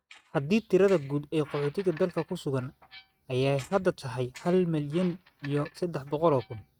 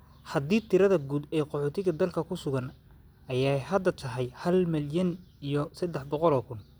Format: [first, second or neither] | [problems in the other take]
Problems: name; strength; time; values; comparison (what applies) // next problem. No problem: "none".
second | noise reduction (neural mask model RNNoise)